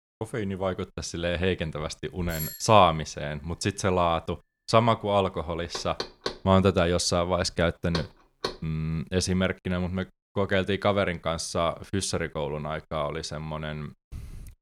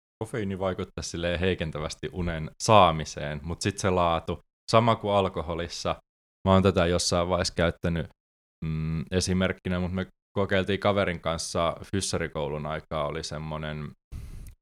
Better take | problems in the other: second | doorbell; noticeable; at 2.5 s; peak 8 dB below the speech // door banging; noticeable; from 5.5 to 8.5 s; peak 7 dB below the speech

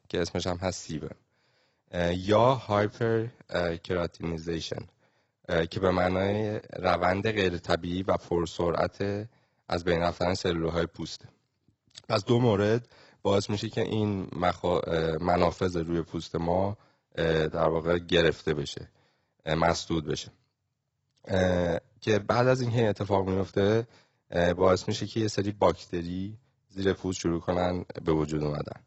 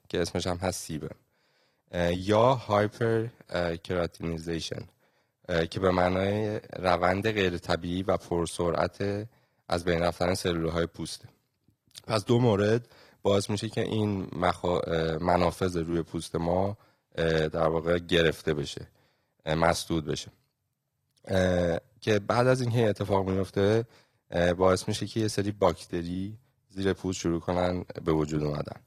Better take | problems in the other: second | garbled, watery; badly; nothing above 8 kHz; slightly in the second

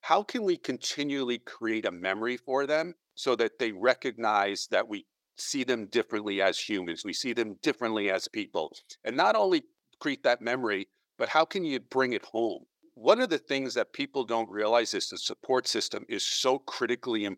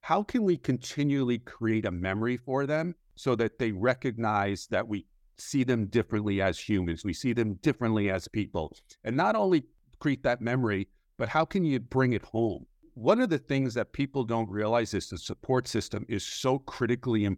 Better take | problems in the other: second | thin; somewhat; fading below 450 Hz

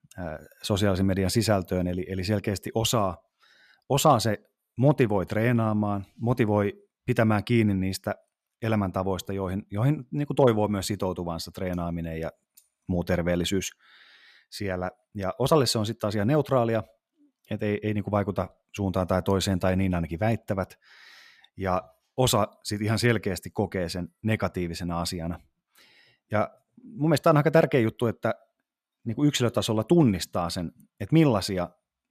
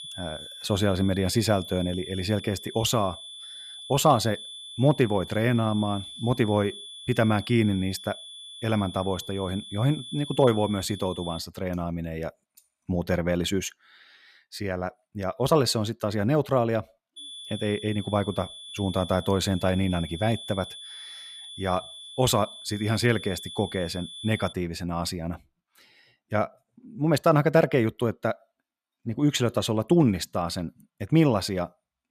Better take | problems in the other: first | high-pitched whine; noticeable; until 11 s and from 17 to 25 s; 3.5 kHz, 15 dB below the speech

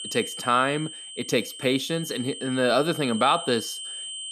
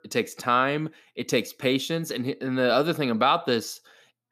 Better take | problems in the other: second | high-pitched whine; loud; throughout; 3 kHz, 10 dB below the speech

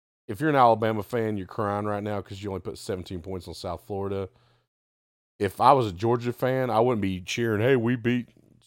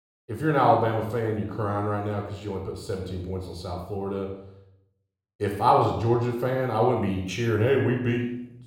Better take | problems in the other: first | off-mic speech; somewhat distant // room echo; noticeable; dies away in 0.6 s

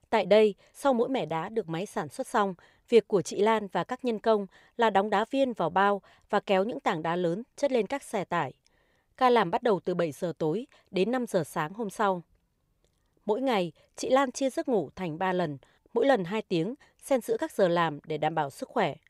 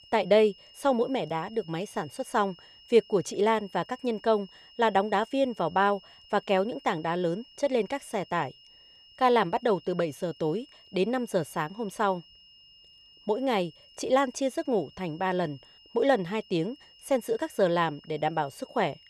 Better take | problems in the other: first | high-pitched whine; faint; throughout; 3 kHz, 25 dB below the speech

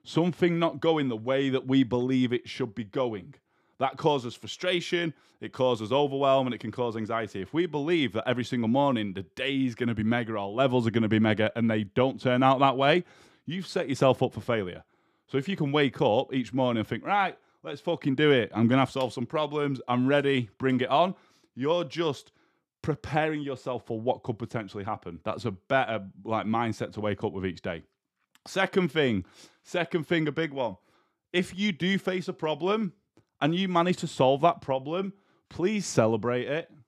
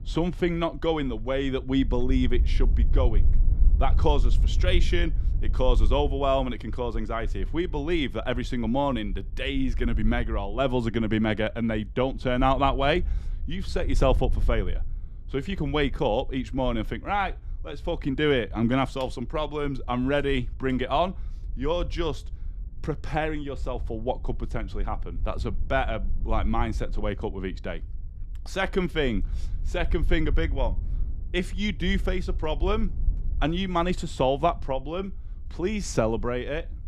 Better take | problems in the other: first | wind noise on the microphone; occasional gusts; 25 dB below the speech

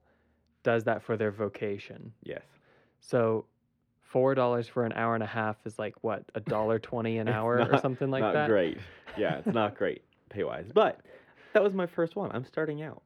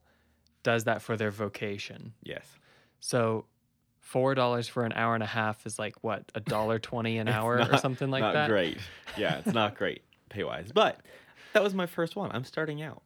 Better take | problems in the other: second | muffled; slightly; fading above 3.5 kHz

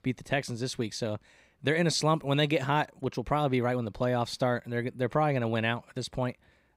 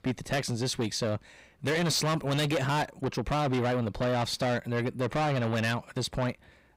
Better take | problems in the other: first | distortion; heavy; 6 dB below the speech

